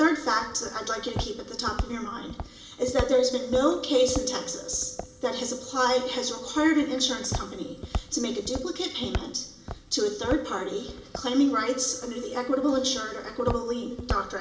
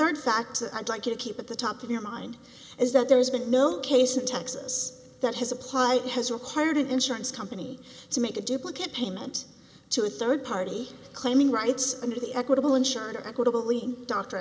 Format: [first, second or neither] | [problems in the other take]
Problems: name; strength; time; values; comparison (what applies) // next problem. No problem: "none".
second | background sound (Walk, footsteps); 11 dB below the speech // room echo; dies away in 0.6 s